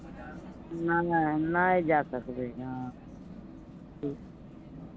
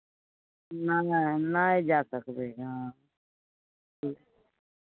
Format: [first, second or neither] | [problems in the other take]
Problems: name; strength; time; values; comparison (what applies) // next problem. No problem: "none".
second | background sound (Vehicle); 14 dB below the speech